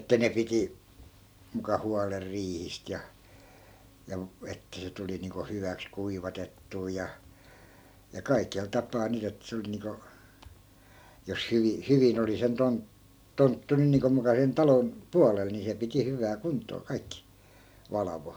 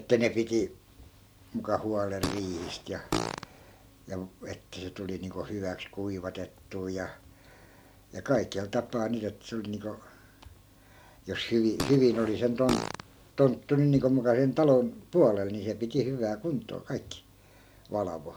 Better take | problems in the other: first | background sound (Fart); 7 dB below the speech

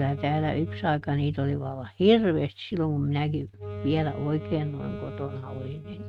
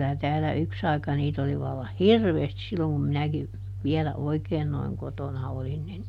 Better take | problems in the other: second | noise reduction (neural mask model RNNoise)

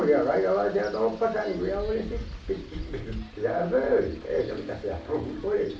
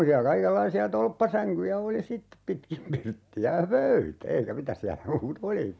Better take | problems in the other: second | background sound (Wind); 14 dB below the speech // room echo; dies away in 0.4 s

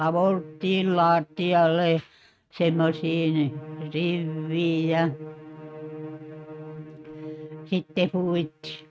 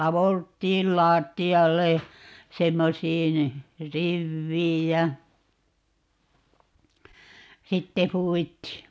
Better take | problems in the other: second | noise reduction (neural mask model RNNoise)

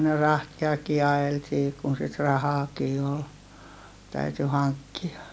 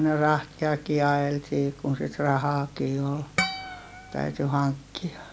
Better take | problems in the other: first | background sound (Harp); 7 dB below the speech

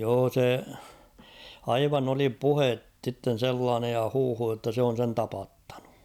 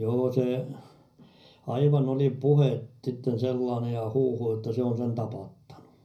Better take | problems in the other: first | room echo; dies away in 0.4 s

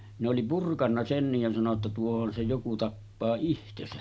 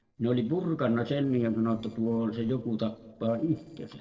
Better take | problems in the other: first | noise reduction (neural separator model SepFormer DNS4)

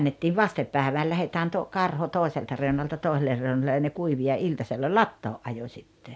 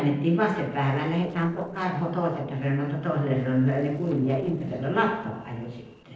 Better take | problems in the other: first | noise reduction (neural separator model SepFormer DNS4)

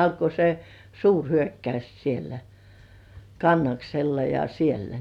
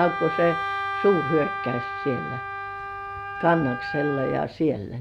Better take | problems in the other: first | background sound (Wind instrument, woodwind instrument); 5 dB below the speech

